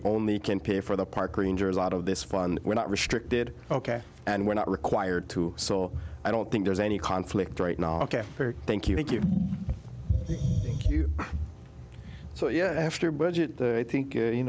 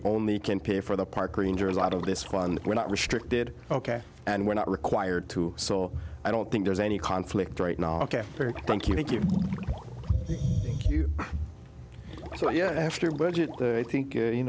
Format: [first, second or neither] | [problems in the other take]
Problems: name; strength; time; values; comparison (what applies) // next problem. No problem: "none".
first | background sound (Liquid); 12 dB below the speech